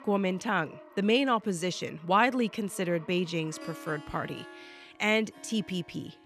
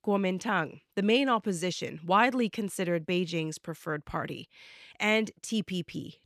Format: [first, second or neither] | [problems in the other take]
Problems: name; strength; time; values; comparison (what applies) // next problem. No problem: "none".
second | background music; faint; throughout; 20 dB below the speech